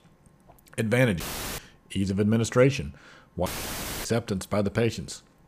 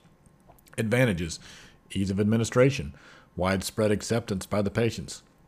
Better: second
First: audio cutting out; filled with static; at 1 s and at 3.5 s for 0.5 s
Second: none

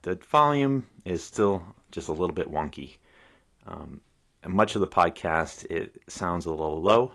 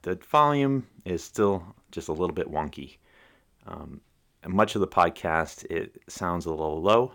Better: second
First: garbled, watery; slightly; nothing above 11 kHz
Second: none

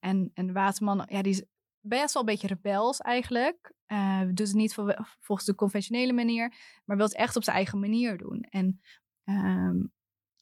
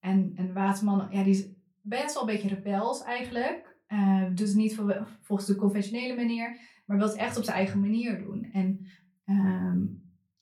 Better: first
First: none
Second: off-mic speech; far // room echo; very slight; dies away in 0.3 s

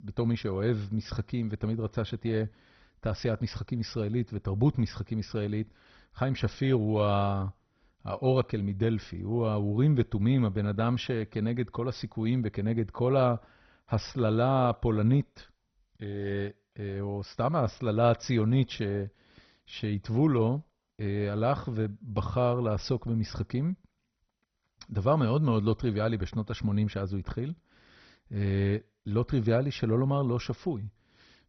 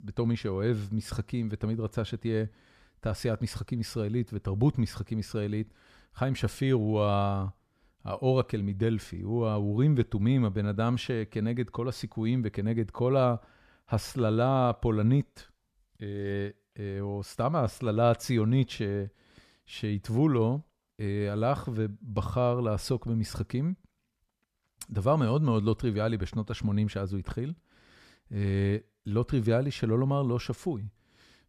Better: second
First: garbled, watery; badly; nothing above 6 kHz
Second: none

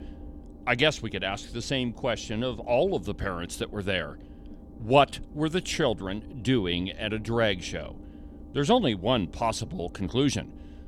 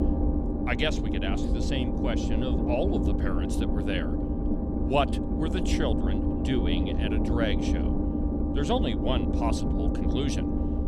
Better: first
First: low rumble; faint; throughout; 25 dB below the speech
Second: low rumble; loud; throughout; 1 dB below the speech

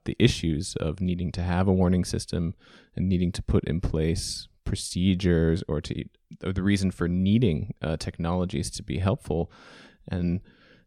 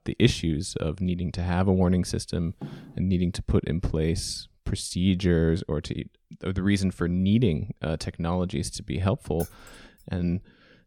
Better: first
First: none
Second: footsteps; faint; at 2.5 s; peak 15 dB below the speech // jangling keys; faint; at 9.5 s; peak 15 dB below the speech

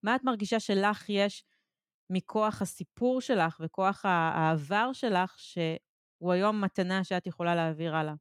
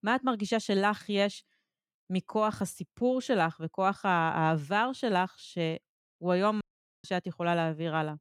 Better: first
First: none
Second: audio cutting out; at 6.5 s

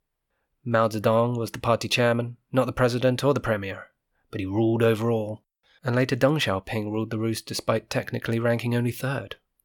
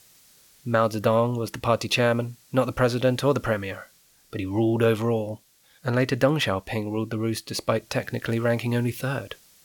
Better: first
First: none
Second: hiss; faint; throughout; 30 dB below the speech

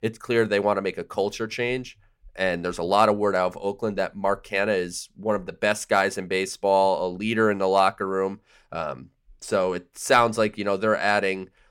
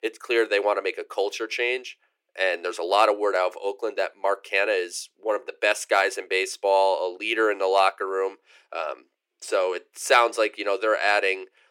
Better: first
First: none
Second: thin; very; fading below 350 Hz

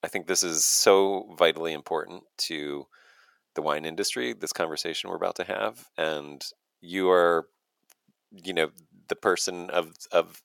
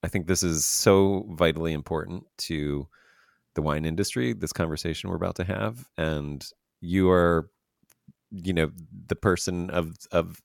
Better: second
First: thin; somewhat; fading below 450 Hz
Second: none

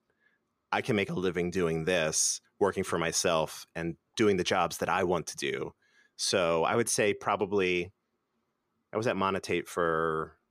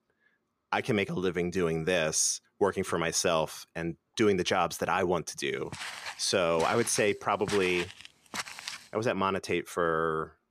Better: first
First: none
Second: footsteps; noticeable; from 5.5 to 9 s; peak 6 dB below the speech

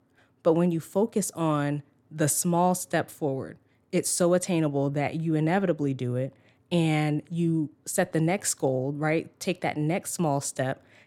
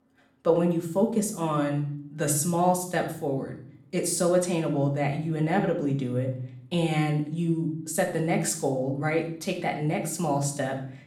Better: first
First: none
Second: room echo; slight; dies away in 0.5 s // off-mic speech; somewhat distant

